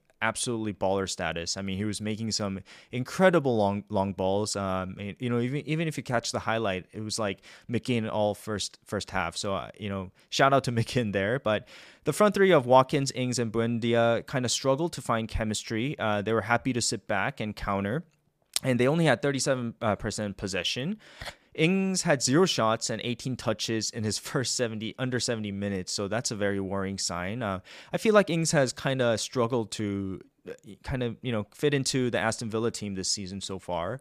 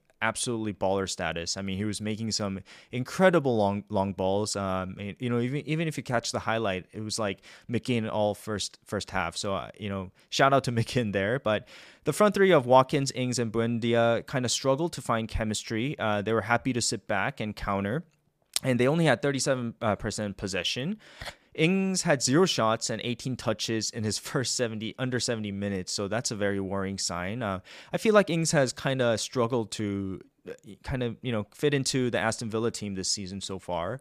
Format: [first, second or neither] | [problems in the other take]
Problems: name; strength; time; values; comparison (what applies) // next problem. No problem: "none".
neither | none